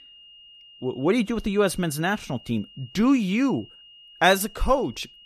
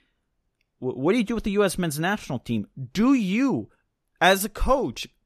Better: second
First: high-pitched whine; faint; throughout; 3 kHz, 25 dB below the speech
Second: none

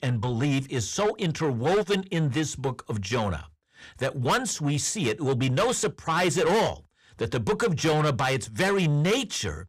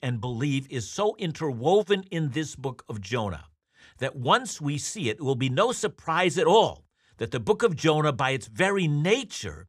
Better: second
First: distortion; heavy; 6 dB below the speech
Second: none

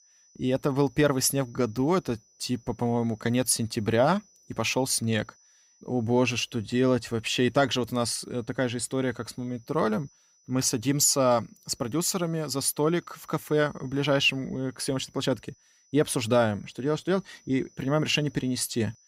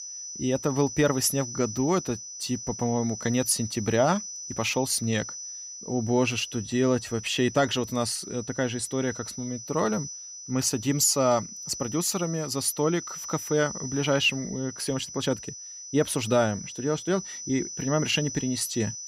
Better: first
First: high-pitched whine; faint; throughout; 6 kHz, 30 dB below the speech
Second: high-pitched whine; loud; throughout; 6 kHz, 10 dB below the speech

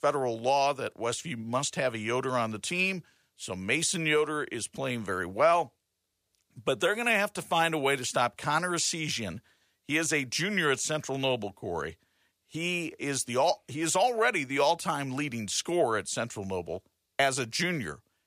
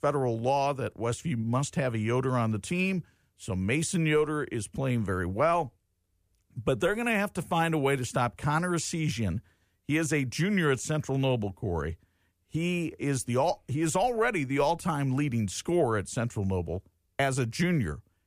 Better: second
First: thin; somewhat; fading below 900 Hz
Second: none

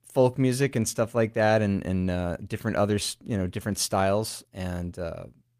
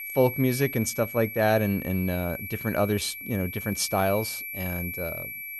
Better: first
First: none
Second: high-pitched whine; loud; throughout; 2.5 kHz, 7 dB below the speech

